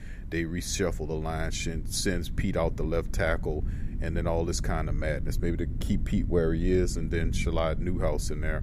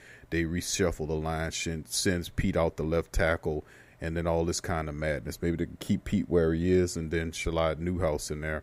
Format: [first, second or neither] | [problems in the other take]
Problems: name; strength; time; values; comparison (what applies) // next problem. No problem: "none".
second | low rumble; noticeable; throughout; 15 dB below the speech